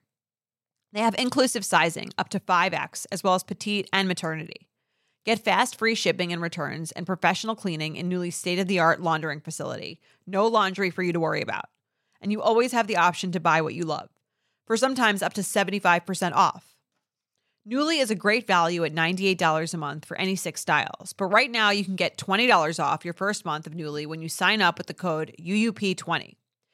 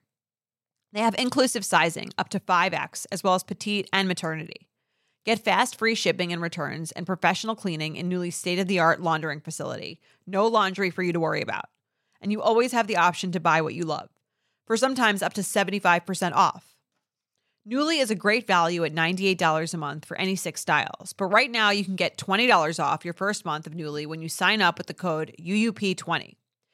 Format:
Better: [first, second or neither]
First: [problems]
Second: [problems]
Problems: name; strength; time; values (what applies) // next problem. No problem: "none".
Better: neither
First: none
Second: none